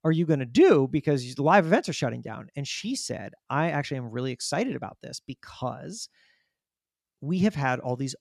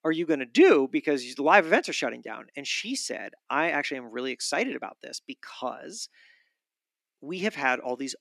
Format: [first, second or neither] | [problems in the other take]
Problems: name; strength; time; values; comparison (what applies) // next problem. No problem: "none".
first | thin; very slightly; fading below 300 Hz